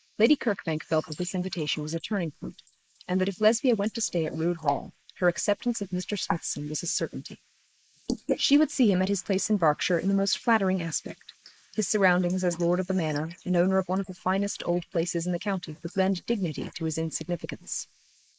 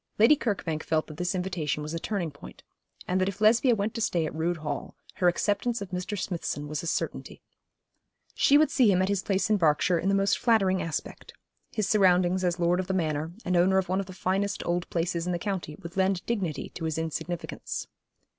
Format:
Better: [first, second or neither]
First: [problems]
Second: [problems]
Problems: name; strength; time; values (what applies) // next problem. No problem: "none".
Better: second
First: noise reduction (neural mask model Resemble Enhance denoiser)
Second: none